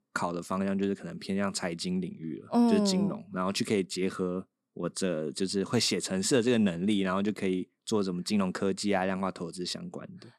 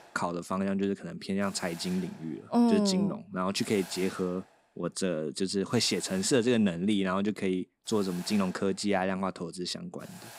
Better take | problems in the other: first | hiss; noticeable; throughout; 20 dB below the speech

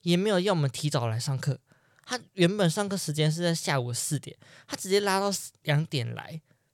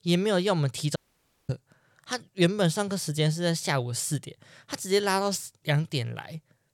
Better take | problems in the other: first | audio cutting out; at 1 s for 0.5 s

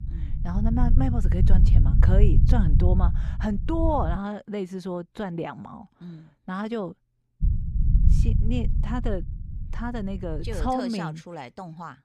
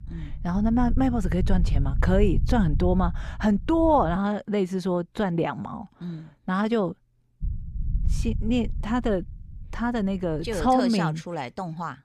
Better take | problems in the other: second | low rumble; loud; until 4 s and from 7.5 to 11 s; 8 dB below the speech; faint in the second

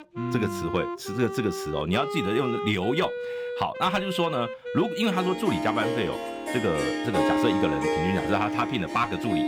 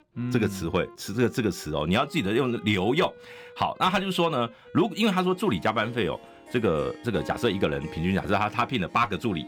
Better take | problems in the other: second | background music; loud; throughout; 3 dB below the speech; faint in the second

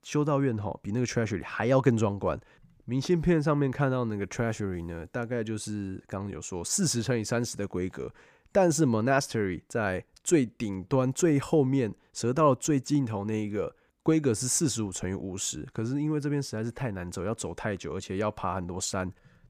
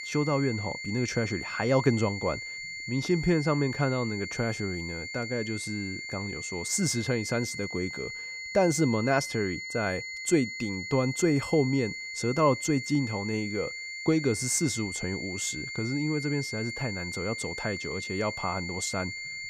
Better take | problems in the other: first | high-pitched whine; loud; throughout; 2 kHz, 6 dB below the speech

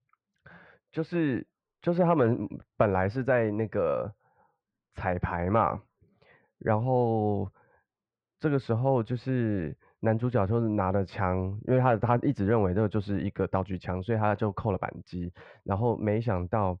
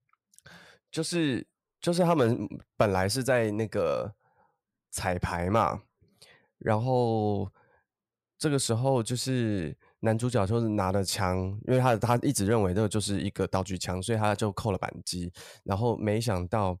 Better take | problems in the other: second | muffled; very; fading above 2 kHz

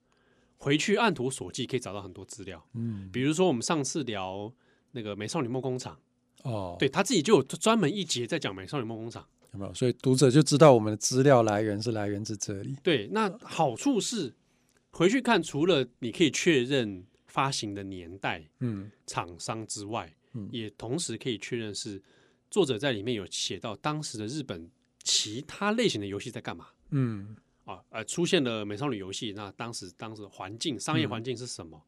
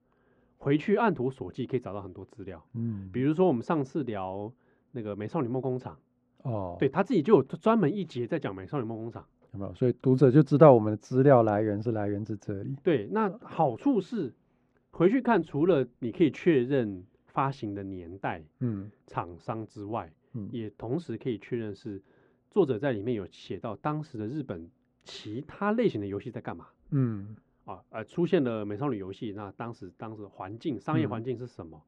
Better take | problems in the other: first | muffled; very; fading above 3.5 kHz

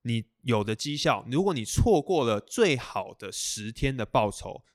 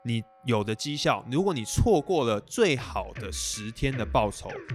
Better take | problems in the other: first | background music; noticeable; throughout; 15 dB below the speech

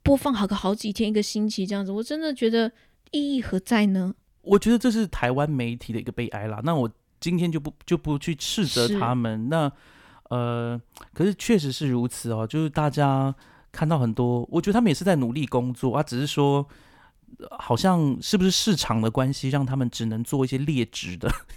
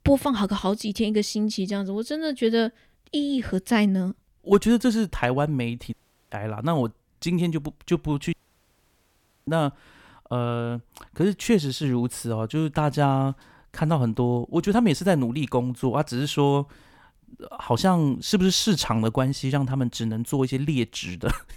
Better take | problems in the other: first | audio cutting out; at 6 s and at 8.5 s for 1 s

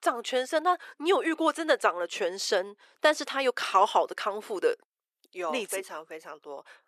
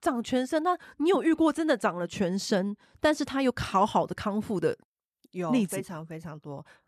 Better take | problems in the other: second | thin; very; fading below 400 Hz

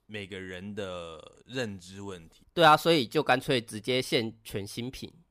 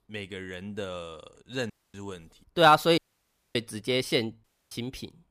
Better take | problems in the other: first | audio cutting out; at 1.5 s, at 3 s for 0.5 s and at 4.5 s

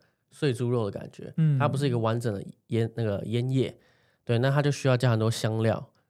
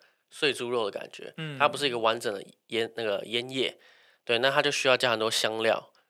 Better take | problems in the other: first | thin; very; fading below 500 Hz

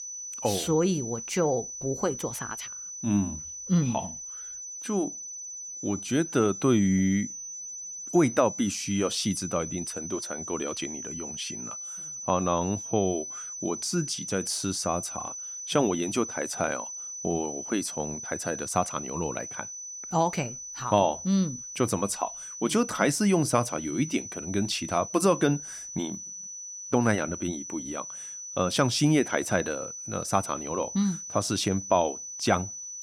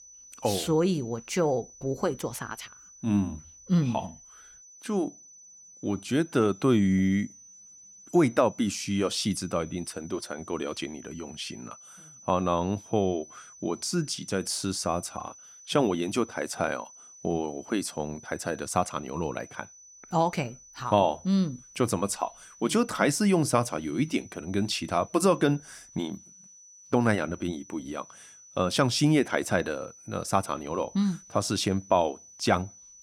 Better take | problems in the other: second | high-pitched whine; loud; throughout; 6 kHz, 8 dB below the speech; faint in the second

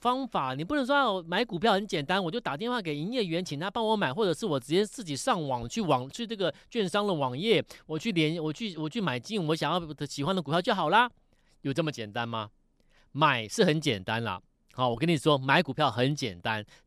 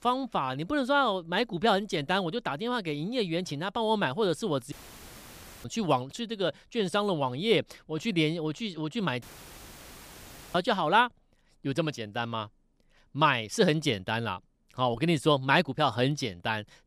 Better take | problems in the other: first | audio cutting out; filled with static; at 4.5 s for 1 s and at 9 s for 1.5 s

